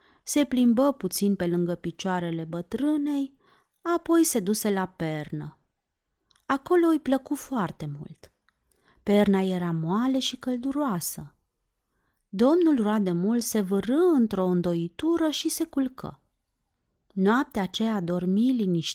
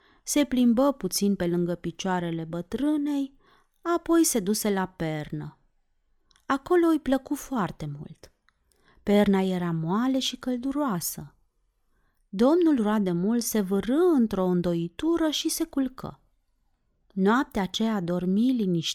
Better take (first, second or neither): second